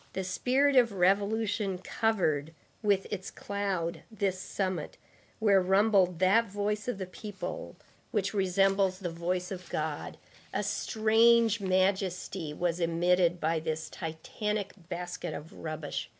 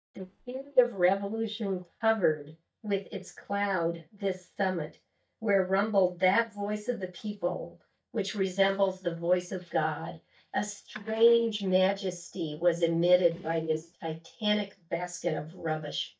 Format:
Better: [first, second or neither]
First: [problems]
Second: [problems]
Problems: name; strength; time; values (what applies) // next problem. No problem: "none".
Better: first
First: none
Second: noise reduction (neural mask model DeepFilterNet 3)